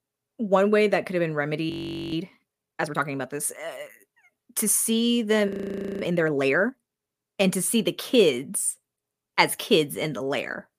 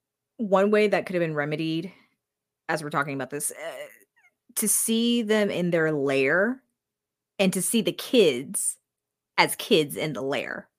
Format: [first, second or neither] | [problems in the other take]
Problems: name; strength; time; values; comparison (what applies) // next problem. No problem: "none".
second | audio freezing; at 1.5 s and at 5.5 s for 0.5 s